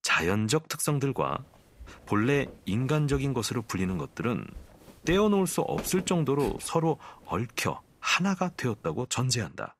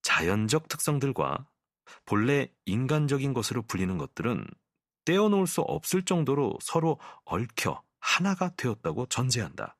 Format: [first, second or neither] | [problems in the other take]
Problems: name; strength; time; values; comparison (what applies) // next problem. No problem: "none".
second | footsteps; noticeable; from 2 to 8.5 s; peak 10 dB below the speech